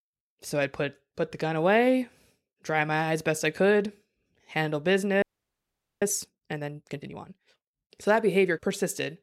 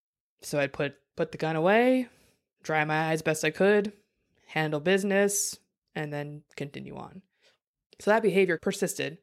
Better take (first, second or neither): second